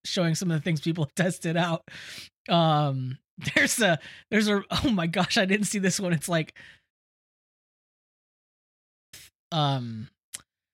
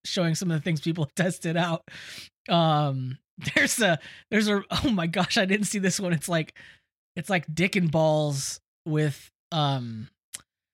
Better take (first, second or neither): second